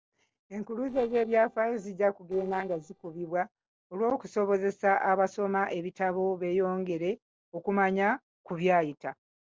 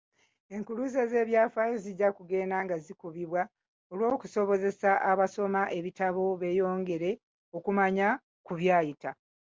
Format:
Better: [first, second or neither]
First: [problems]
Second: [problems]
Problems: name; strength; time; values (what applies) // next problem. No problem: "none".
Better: second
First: noise reduction (neural separator model SepFormer DNS4)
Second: none